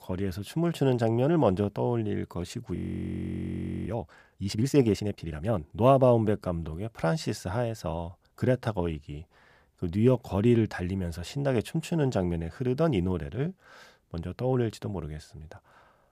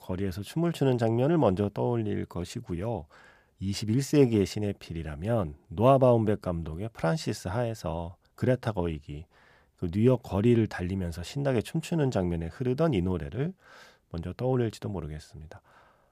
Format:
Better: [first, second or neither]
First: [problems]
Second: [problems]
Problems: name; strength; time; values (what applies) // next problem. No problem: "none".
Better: second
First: audio freezing; at 3 s for 1 s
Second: none